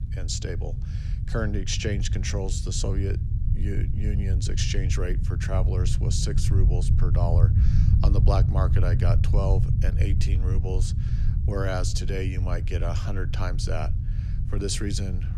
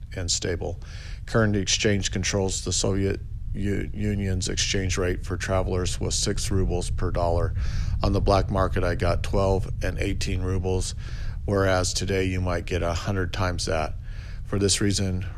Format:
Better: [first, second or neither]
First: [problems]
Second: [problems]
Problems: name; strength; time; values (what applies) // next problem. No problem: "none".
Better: second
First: low rumble; loud; throughout; 7 dB below the speech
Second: low rumble; faint; throughout; 25 dB below the speech